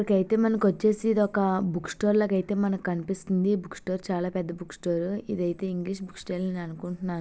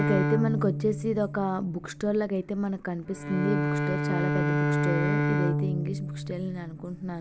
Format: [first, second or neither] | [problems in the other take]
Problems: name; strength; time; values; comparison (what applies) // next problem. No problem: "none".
first | background sound (Bowed string instrument); 1 dB above the speech